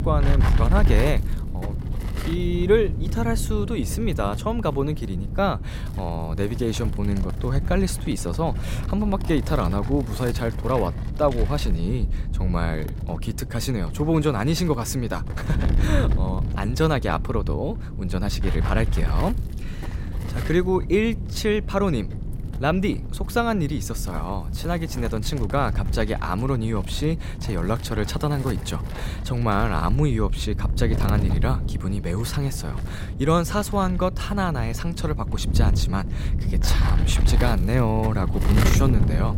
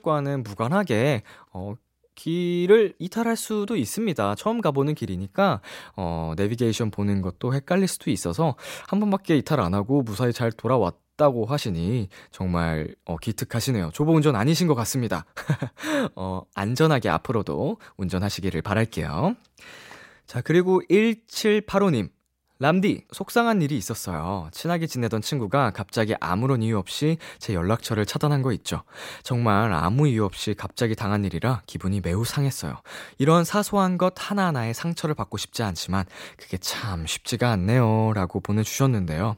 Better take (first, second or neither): second